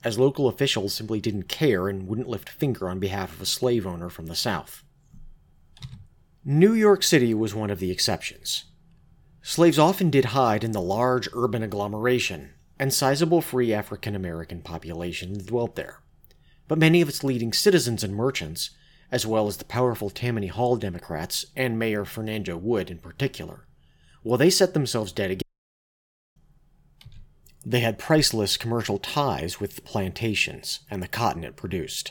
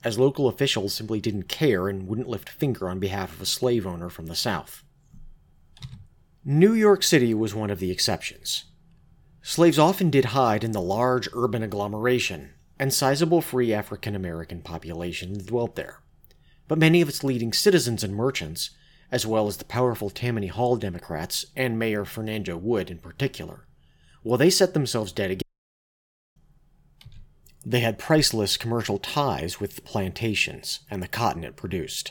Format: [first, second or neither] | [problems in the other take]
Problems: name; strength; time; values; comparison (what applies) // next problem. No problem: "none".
neither | audio cutting out; at 25 s for 1 s; the same in both